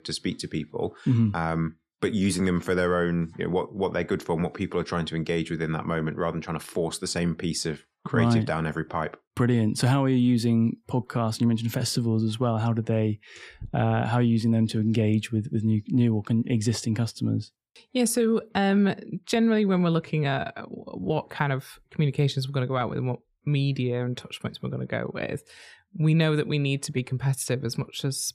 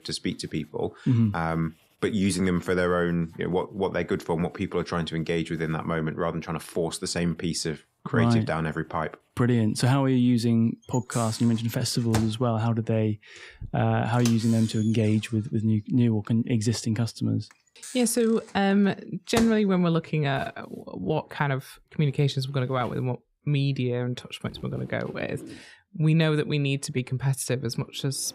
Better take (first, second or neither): first